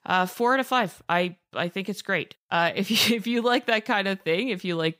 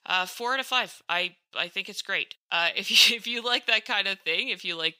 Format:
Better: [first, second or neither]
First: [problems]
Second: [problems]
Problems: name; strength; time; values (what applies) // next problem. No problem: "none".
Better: first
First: none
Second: thin; somewhat; fading below 800 Hz